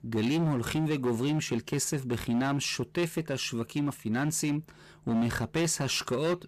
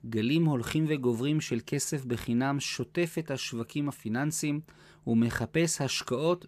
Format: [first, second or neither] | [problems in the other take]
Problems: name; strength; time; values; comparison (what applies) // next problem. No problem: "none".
second | distortion; slight; 14% of the sound clipped